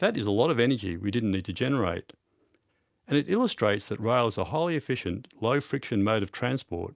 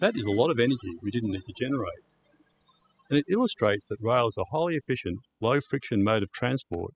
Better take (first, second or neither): first